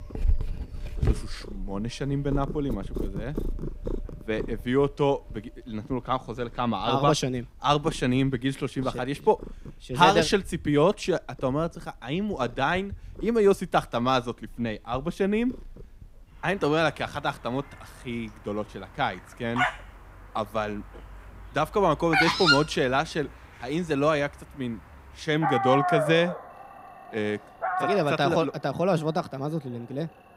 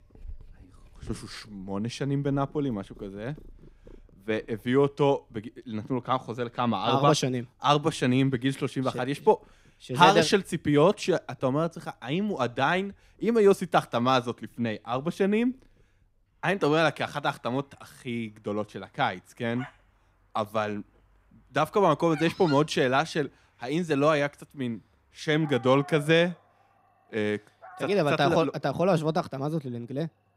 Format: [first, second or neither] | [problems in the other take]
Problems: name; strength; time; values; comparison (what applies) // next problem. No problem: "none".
second | animal sounds; loud; throughout; 3 dB below the speech; faint in the second